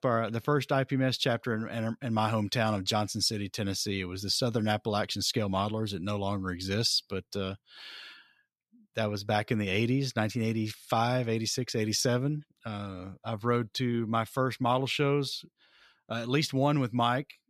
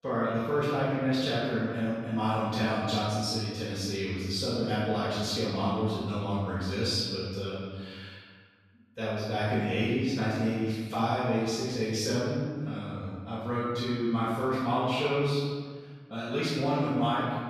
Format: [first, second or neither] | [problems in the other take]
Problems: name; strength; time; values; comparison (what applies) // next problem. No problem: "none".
first | room echo; strong; dies away in 1.6 s // off-mic speech; far